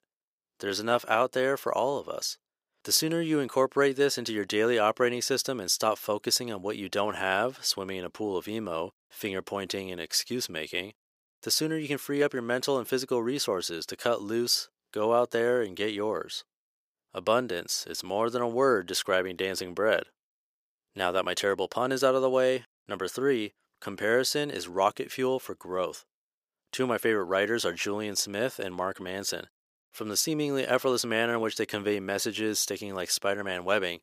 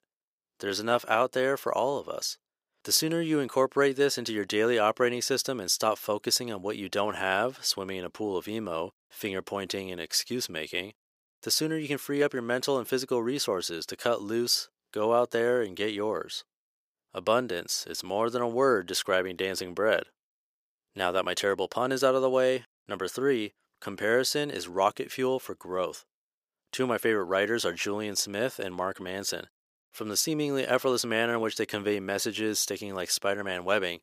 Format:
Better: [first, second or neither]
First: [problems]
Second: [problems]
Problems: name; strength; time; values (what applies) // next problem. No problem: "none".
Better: neither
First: thin; somewhat; fading below 350 Hz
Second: thin; somewhat; fading below 350 Hz